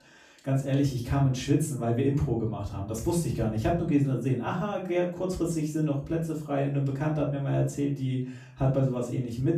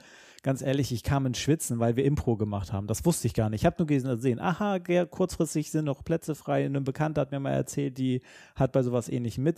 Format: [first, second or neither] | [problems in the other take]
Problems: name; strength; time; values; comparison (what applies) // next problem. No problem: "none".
second | off-mic speech; far // room echo; slight; dies away in 0.4 s